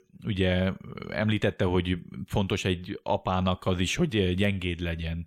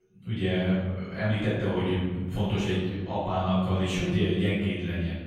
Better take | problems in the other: first | off-mic speech; far // room echo; strong; dies away in 1.3 s

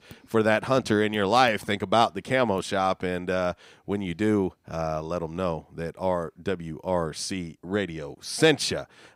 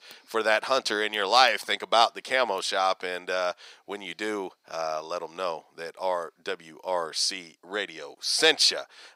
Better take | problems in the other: first | thin; very; fading below 600 Hz

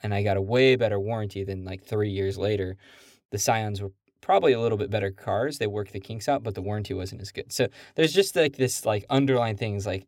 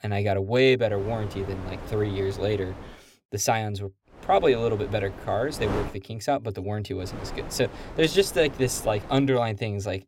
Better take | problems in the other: first | wind noise on the microphone; occasional gusts; from 1 to 3 s, from 4 to 6 s and from 7 to 9 s; 15 dB below the speech

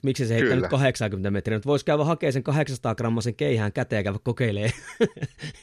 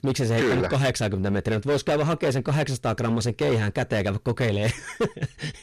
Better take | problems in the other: first | distortion; heavy; 16% of the sound clipped

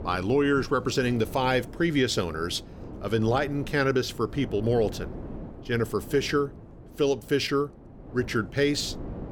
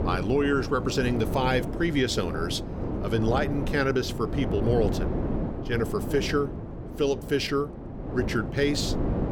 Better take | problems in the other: first | wind noise on the microphone; heavy; 8 dB below the speech; occasional gusts in the first

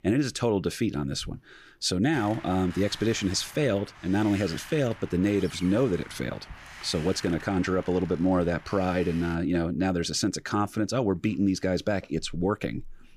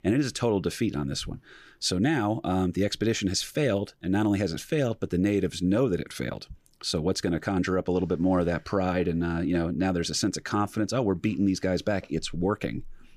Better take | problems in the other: second | wind noise on the microphone; occasional gusts; from 2 to 9.5 s; 15 dB below the speech

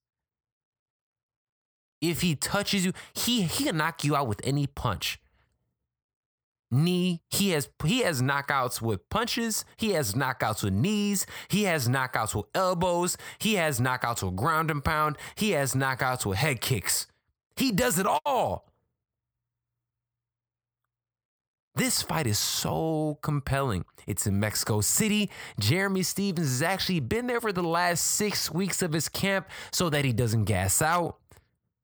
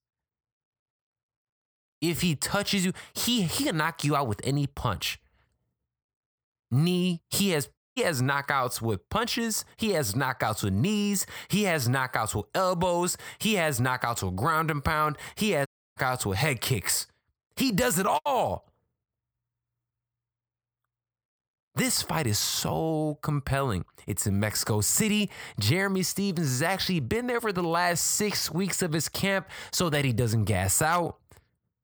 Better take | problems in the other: first | audio cutting out; at 8 s and at 16 s

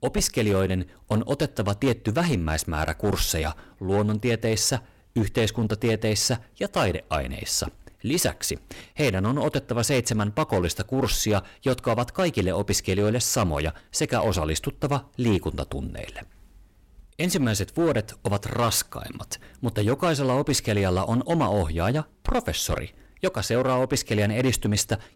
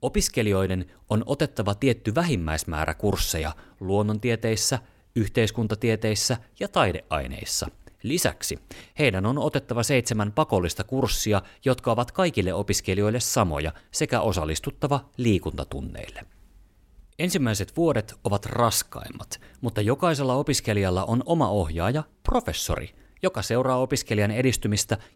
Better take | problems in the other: second | distortion; slight; 7% of the sound clipped

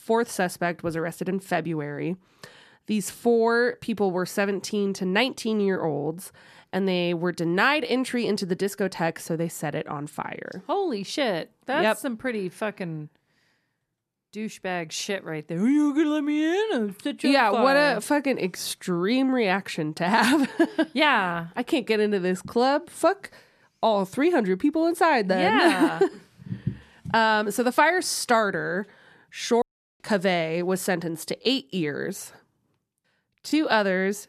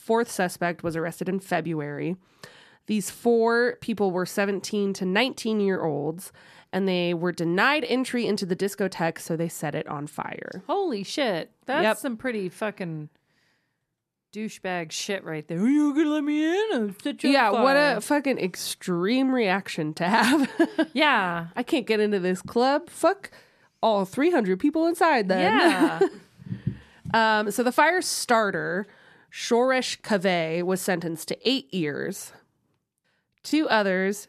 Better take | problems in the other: second | audio cutting out; at 30 s

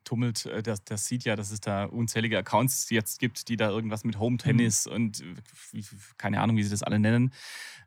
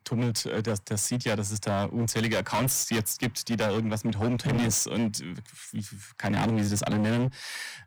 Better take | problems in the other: first | distortion; heavy; 21% of the sound clipped

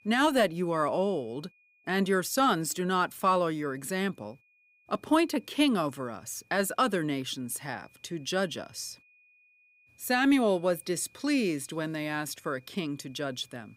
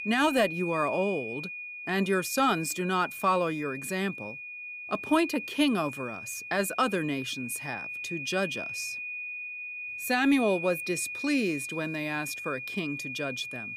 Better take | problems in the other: first | high-pitched whine; loud; throughout; 2.5 kHz, 7 dB below the speech; faint in the first

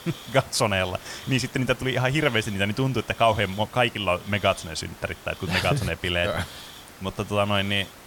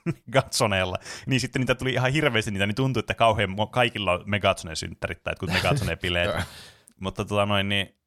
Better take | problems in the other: second | hiss; noticeable; throughout; 20 dB below the speech

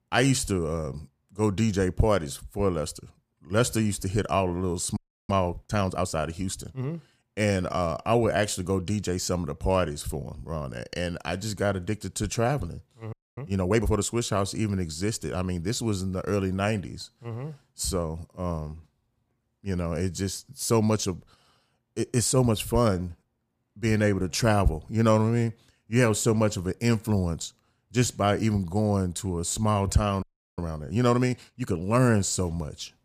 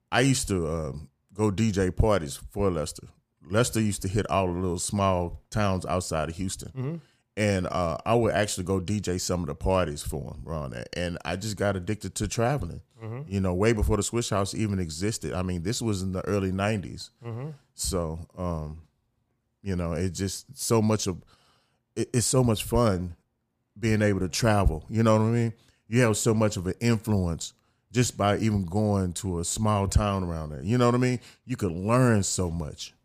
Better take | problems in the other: second | audio freezing; at 5 s, at 13 s and at 30 s

